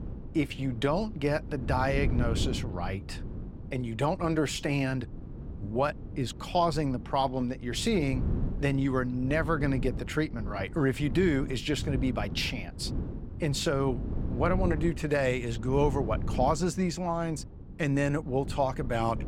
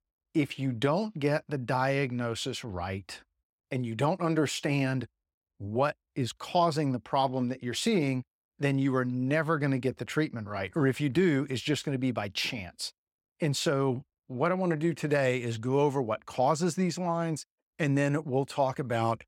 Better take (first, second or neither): second